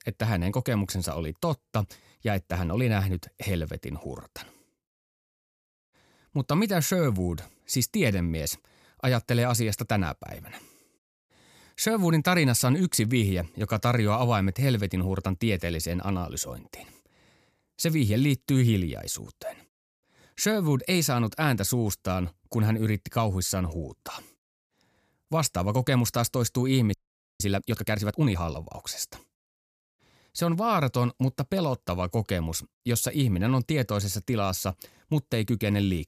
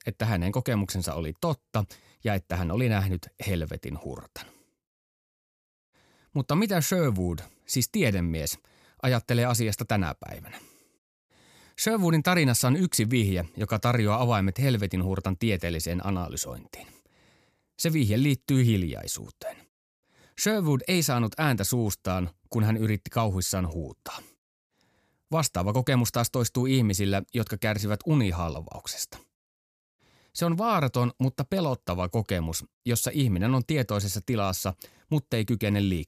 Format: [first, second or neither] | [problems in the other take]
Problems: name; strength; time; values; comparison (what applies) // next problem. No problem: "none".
second | audio freezing; at 27 s